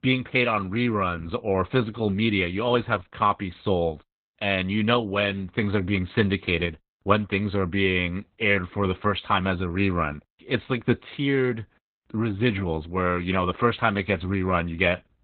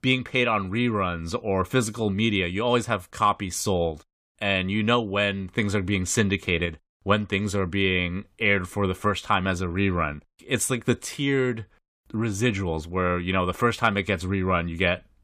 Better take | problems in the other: second | garbled, watery; badly; nothing above 3.5 kHz

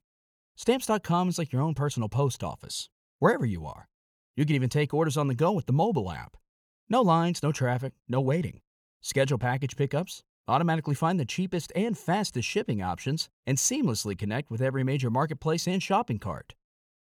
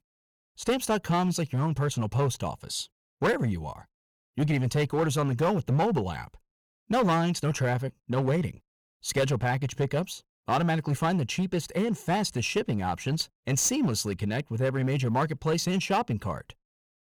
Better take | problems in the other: first | distortion; slight; 7% of the sound clipped

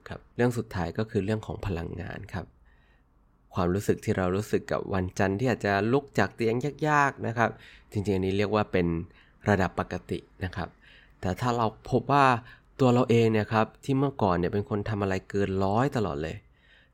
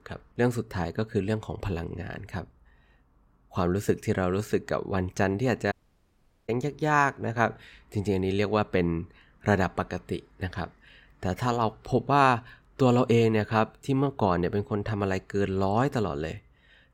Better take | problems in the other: first | audio cutting out; at 5.5 s for 1 s

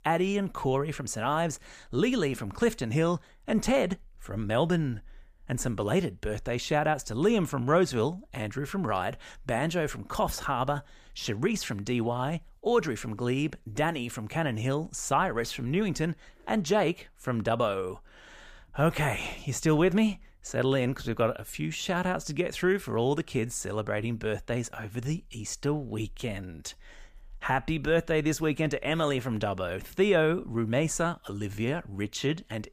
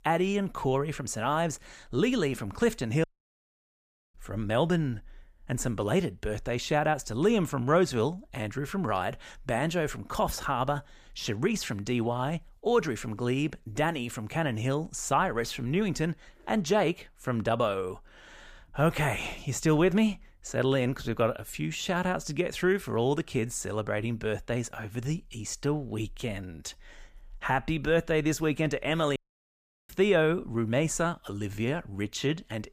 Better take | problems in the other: first | audio cutting out; at 3 s for 1 s and at 29 s for 0.5 s

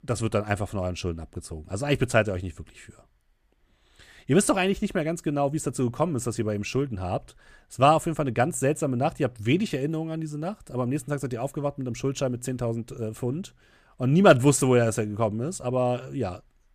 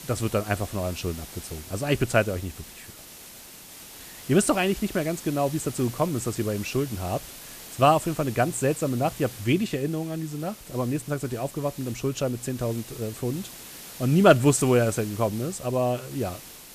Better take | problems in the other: first | hiss; noticeable; throughout; 15 dB below the speech

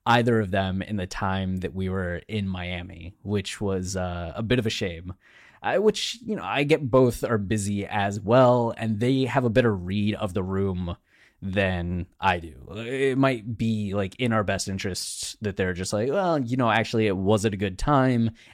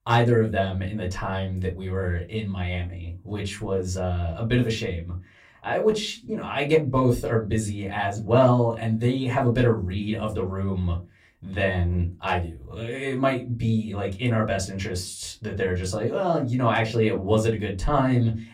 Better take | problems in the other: first | off-mic speech; far // room echo; very slight; dies away in 0.2 s

